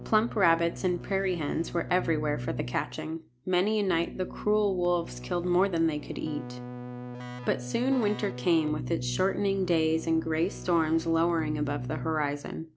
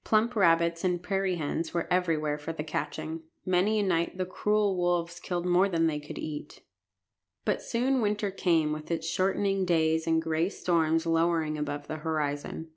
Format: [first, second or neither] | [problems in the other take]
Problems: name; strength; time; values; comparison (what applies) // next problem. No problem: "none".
second | background sound (Keyboard (musical)); 10 dB below the speech